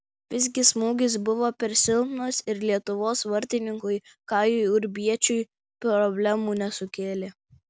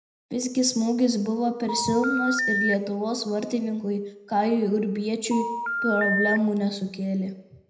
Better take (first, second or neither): first